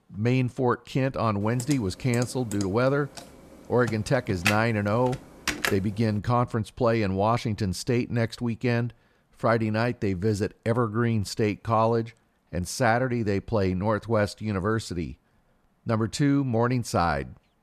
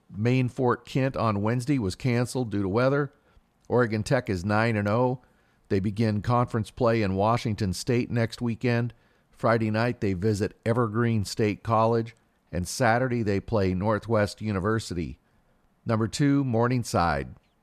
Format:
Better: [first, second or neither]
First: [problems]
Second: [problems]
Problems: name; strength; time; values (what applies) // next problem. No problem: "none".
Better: second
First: keyboard typing; noticeable; from 1.5 to 5.5 s; peak 1 dB below the speech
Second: none